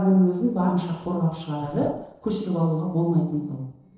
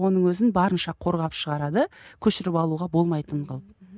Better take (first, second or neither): second